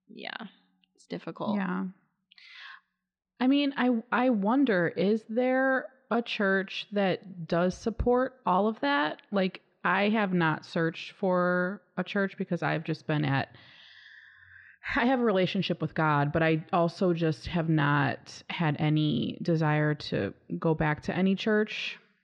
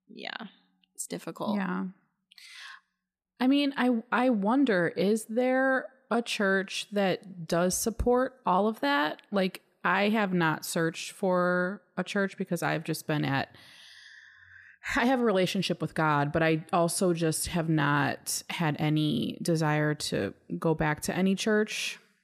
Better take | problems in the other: second | muffled; slightly; fading above 4 kHz

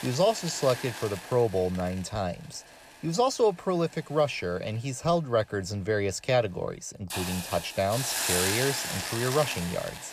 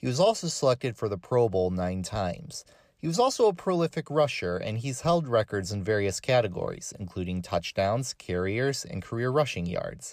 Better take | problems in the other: second | hiss; loud; throughout; 3 dB below the speech

